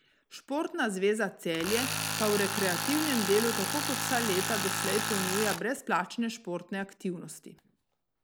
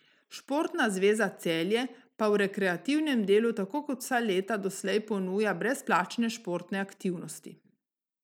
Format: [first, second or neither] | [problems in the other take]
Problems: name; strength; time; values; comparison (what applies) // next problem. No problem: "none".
second | background sound (Tools); 3 dB below the speech